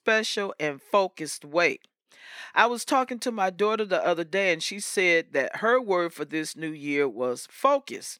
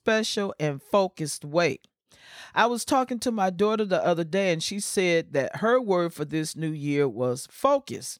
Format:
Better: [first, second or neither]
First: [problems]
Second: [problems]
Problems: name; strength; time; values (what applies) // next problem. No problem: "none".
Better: second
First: thin; very slightly; fading below 300 Hz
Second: none